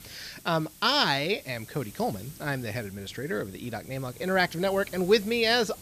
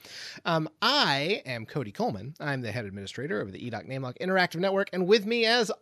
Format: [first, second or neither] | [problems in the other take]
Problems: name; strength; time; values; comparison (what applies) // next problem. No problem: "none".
second | hiss; noticeable; throughout; 20 dB below the speech